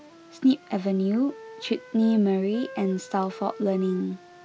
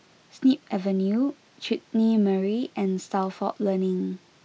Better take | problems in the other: second | background sound (Wind instrument, woodwind instrument); 19 dB below the speech

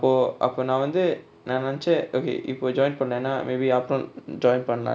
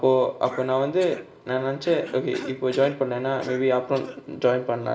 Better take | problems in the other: first | background sound (Cough); 19 dB below the speech // room echo; dies away in 2.3 s

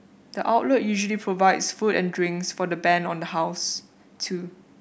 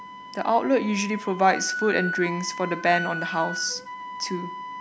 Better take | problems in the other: first | background sound (Wind instrument, woodwind instrument); 8 dB below the speech

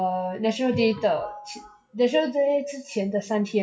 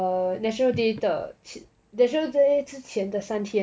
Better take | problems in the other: second | noise reduction (classical method WPE with log-MMSE)

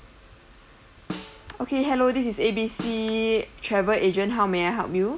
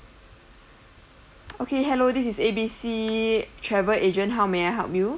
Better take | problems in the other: second | background sound (Snare drum); 17 dB below the speech

